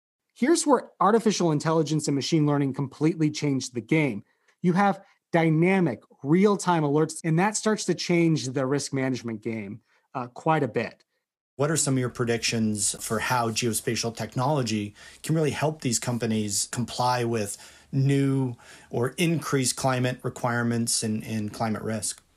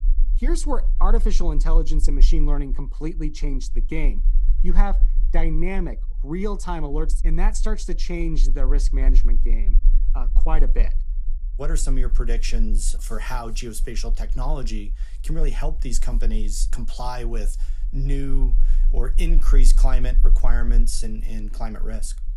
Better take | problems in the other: first | low rumble; noticeable; throughout; 20 dB below the speech

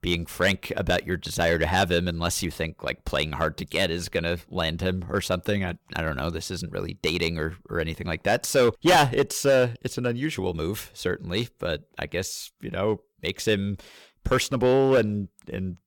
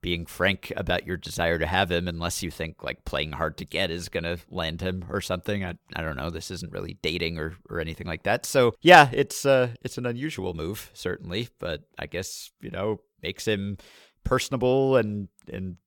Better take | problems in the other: second | distortion; heavy; 3% of the sound clipped

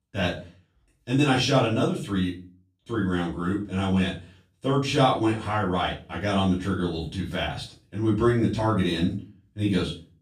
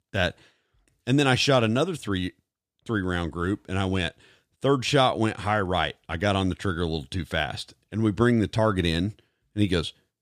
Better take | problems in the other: second | off-mic speech; far // room echo; slight; dies away in 0.3 s

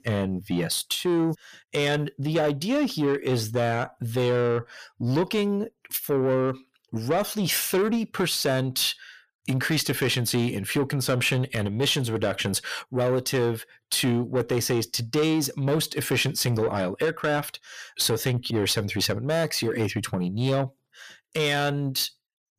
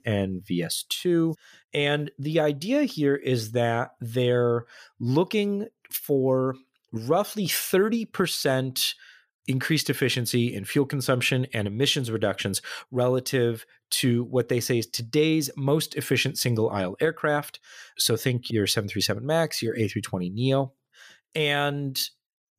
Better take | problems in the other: second | distortion; slight; 10 dB below the speech

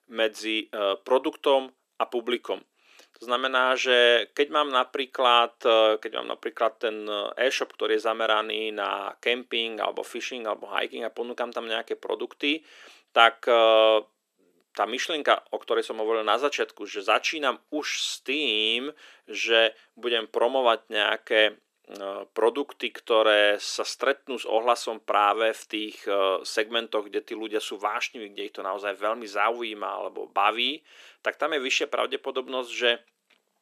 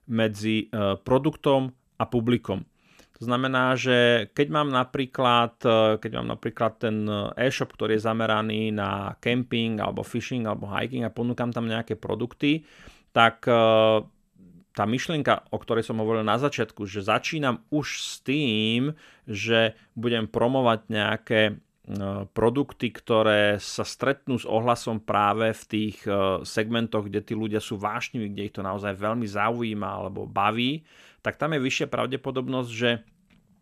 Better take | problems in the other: second | thin; somewhat; fading below 350 Hz

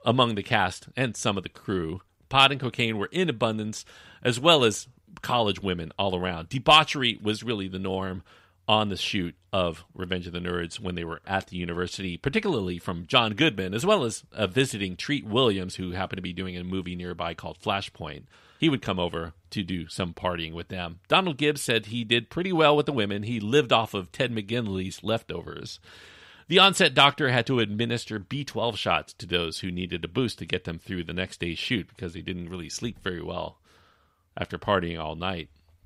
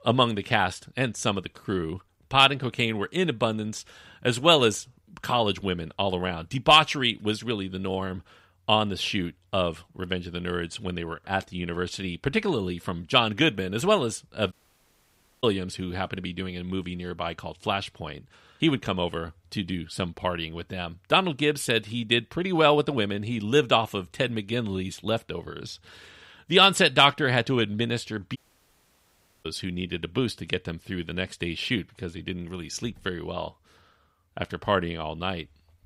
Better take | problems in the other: first | audio cutting out; at 15 s for 1 s and at 28 s for 1 s

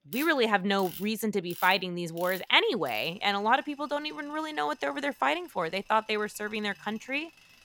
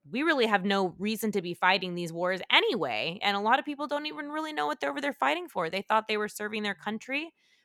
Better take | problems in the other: second | machinery noise; noticeable; throughout; 20 dB below the speech

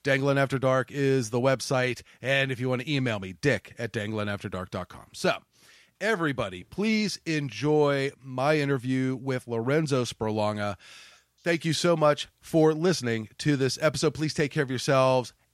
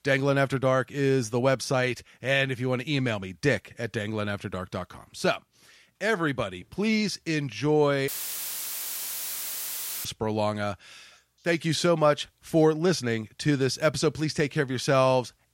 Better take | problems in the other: first | audio cutting out; filled with static; at 8 s for 2 s

